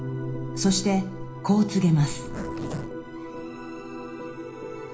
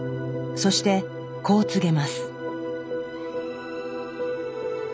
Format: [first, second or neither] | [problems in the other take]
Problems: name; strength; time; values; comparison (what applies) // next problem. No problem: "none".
second | background sound (Zipper (clothing)); 13 dB below the speech // room echo; dies away in 0.4 s